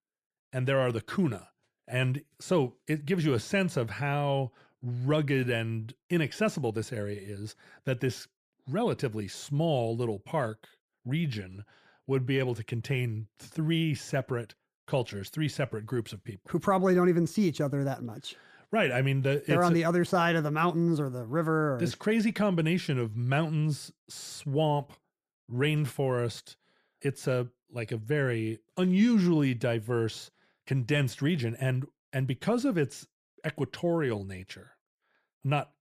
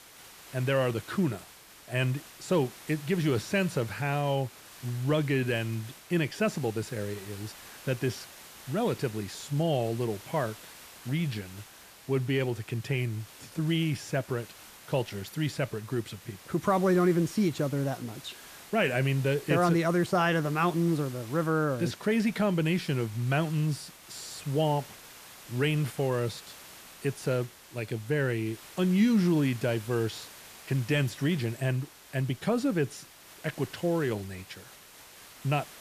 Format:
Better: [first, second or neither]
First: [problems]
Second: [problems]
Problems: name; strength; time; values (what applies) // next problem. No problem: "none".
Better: first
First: none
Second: hiss; noticeable; throughout; 20 dB below the speech